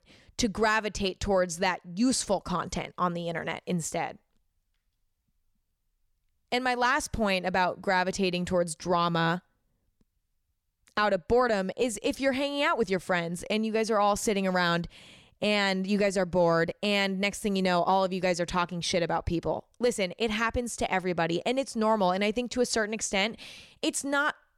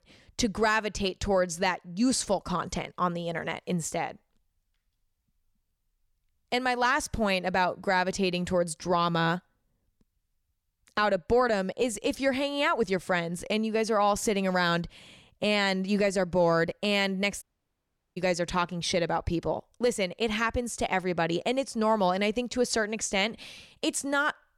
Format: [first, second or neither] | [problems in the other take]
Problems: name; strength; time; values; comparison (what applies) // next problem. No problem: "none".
first | audio cutting out; at 17 s for 0.5 s